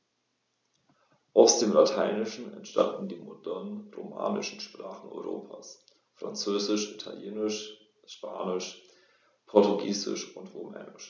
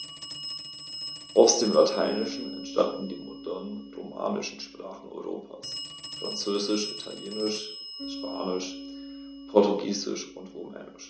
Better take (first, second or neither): first